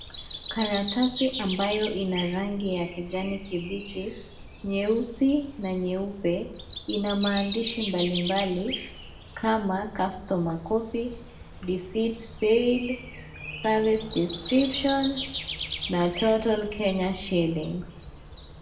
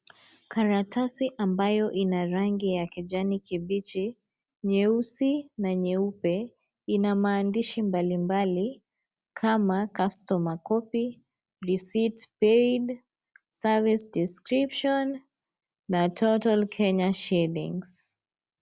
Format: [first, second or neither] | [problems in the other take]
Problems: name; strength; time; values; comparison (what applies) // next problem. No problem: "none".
second | background sound (Breathing); 11 dB below the speech // room echo; dies away in 0.6 s